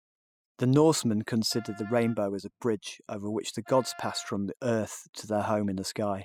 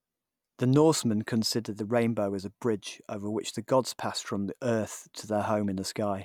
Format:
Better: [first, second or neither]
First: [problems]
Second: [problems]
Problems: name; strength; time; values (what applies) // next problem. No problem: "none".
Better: second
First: noise reduction (classical method spectral subtraction)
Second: none